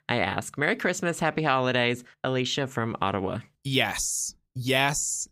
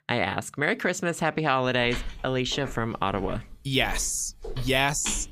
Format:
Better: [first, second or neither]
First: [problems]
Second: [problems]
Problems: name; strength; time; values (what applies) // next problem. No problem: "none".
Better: first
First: none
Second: footsteps; noticeable; from 2 s on; peak 8 dB below the speech